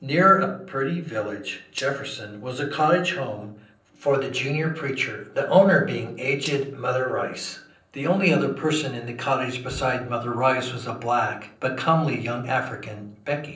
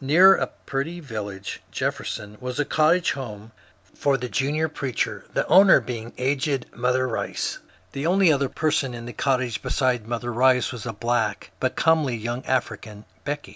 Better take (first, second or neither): second